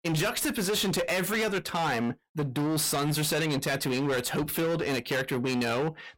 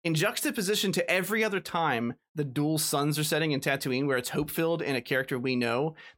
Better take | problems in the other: second | distortion; heavy; 30% of the sound clipped

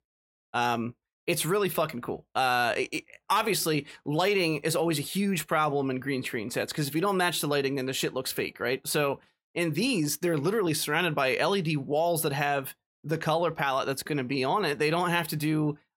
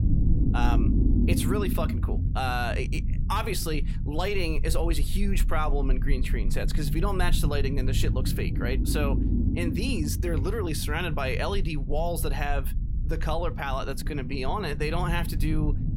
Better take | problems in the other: first | low rumble; loud; throughout; 9 dB below the speech

